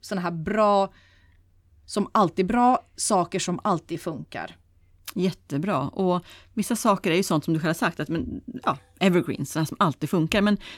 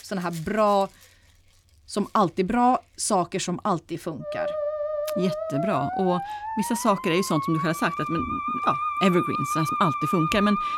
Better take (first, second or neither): first